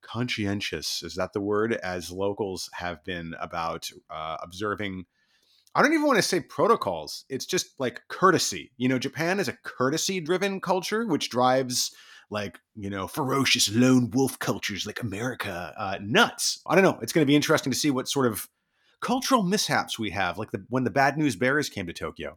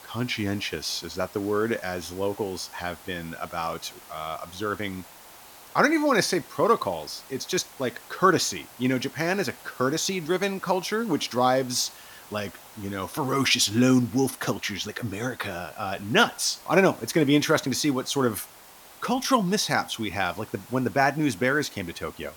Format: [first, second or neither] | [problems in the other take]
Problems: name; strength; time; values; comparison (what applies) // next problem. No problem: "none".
first | hiss; faint; throughout; 20 dB below the speech